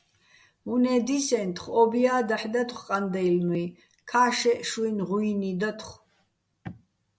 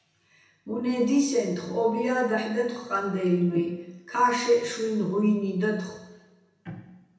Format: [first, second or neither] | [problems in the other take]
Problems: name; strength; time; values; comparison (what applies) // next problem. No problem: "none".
first | room echo; dies away in 0.9 s